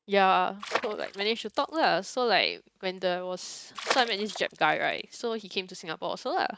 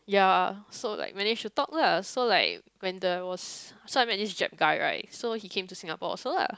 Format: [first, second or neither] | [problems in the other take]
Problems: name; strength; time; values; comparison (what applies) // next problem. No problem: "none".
second | noise reduction (neural mask model RNNoise)